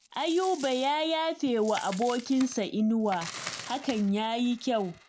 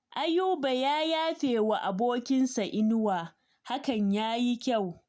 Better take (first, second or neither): second